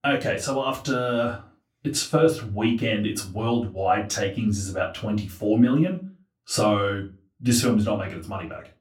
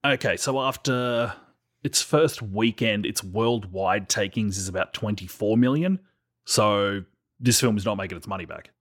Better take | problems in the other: second | off-mic speech; far // room echo; very slight; dies away in 0.3 s

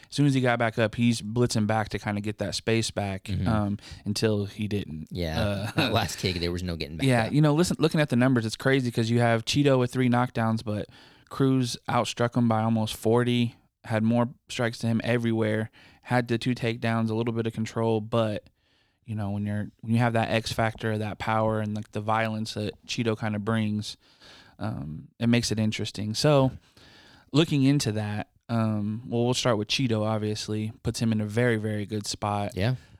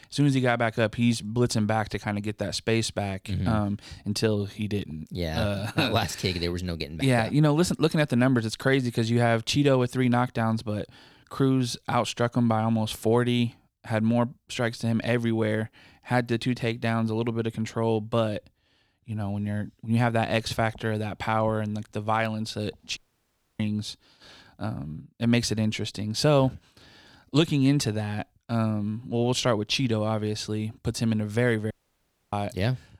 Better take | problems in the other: first | audio cutting out; at 23 s for 0.5 s and at 32 s for 0.5 s

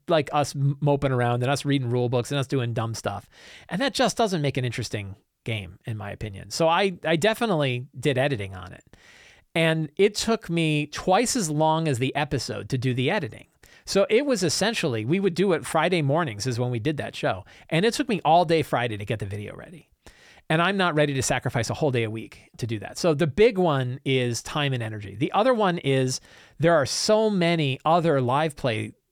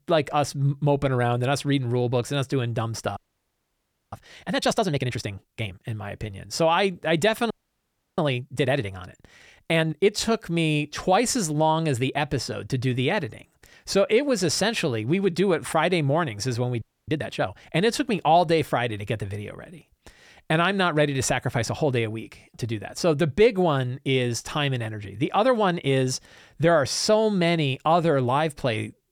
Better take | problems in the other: first | audio freezing; at 3 s for 1 s, at 7.5 s for 0.5 s and at 17 s

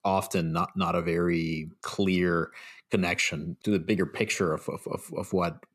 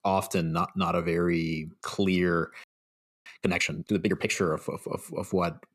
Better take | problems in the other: first | audio freezing; at 2.5 s for 0.5 s

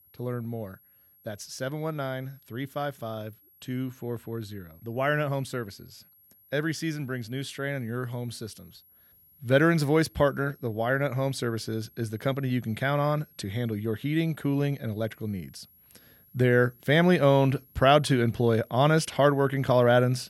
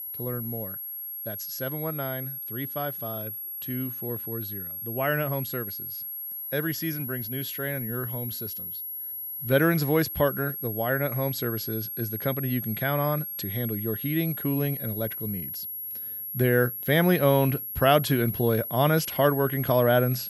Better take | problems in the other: first | high-pitched whine; loud; throughout; 11.5 kHz, 5 dB below the speech; faint in the first

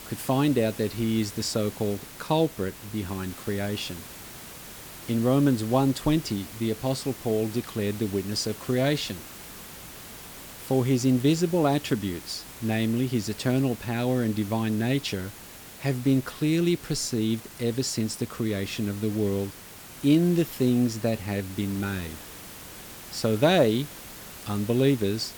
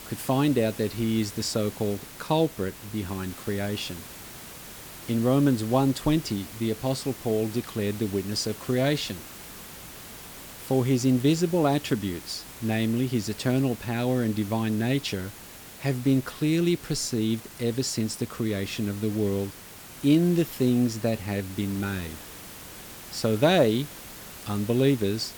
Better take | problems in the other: neither | hiss; noticeable; throughout; 15 dB below the speech; the same in both

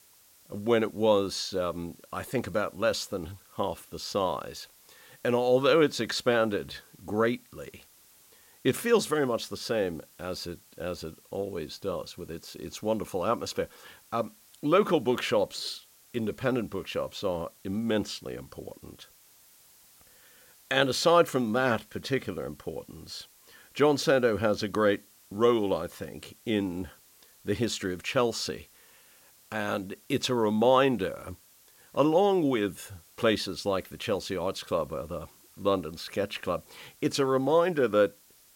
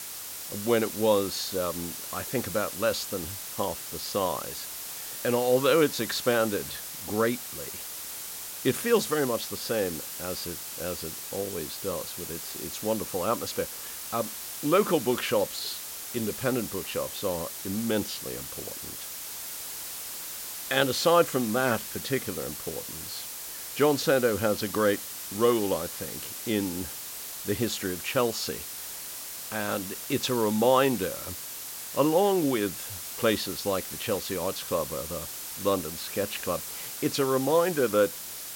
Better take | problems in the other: first | hiss; loud; throughout; 7 dB below the speech; faint in the first

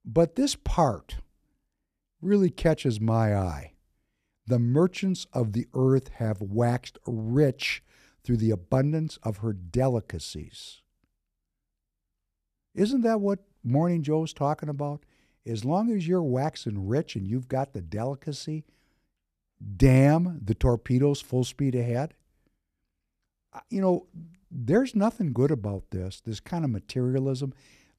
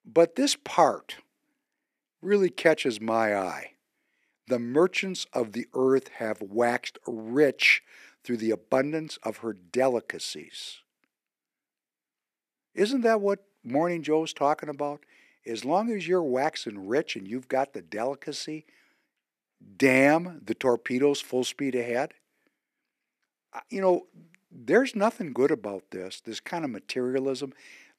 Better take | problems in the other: first | thin; somewhat; fading below 300 Hz

